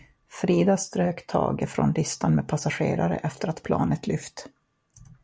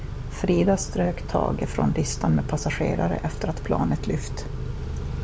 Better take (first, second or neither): first